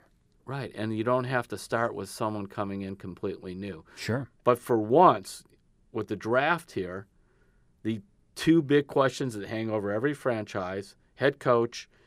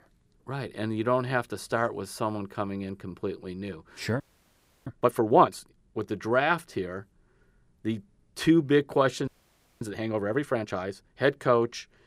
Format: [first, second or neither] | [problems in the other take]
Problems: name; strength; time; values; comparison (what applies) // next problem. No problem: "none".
first | audio freezing; at 4 s for 0.5 s and at 9.5 s for 0.5 s